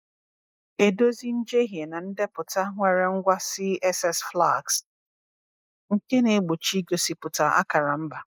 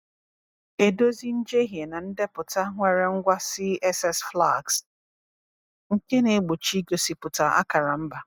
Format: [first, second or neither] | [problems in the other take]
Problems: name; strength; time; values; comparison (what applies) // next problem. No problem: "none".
second | noise reduction (neural mask model Resemble Enhance denoiser)